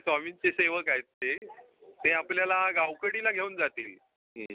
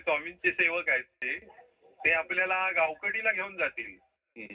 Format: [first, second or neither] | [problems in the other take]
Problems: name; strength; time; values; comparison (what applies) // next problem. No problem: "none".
first | room echo; dies away in 0.4 s